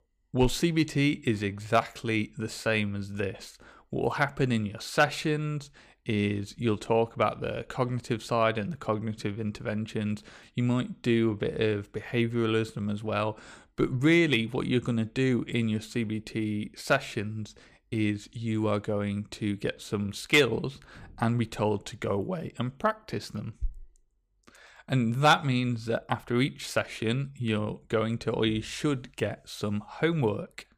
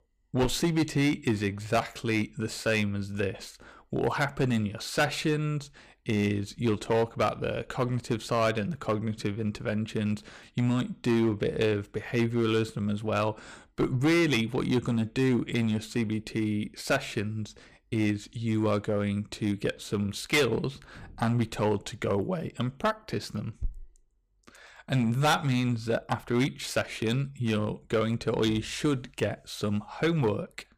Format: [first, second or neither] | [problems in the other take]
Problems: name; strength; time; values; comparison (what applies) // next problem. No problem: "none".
first | distortion; slight; 5% of the sound clipped